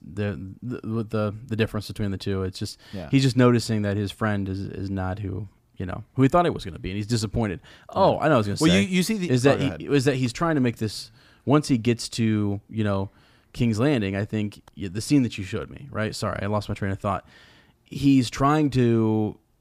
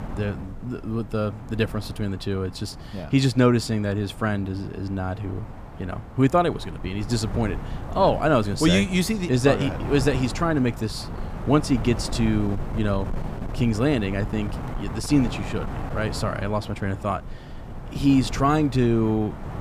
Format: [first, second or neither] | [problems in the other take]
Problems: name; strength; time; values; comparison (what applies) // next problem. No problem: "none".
first | wind noise on the microphone; occasional gusts; 15 dB below the speech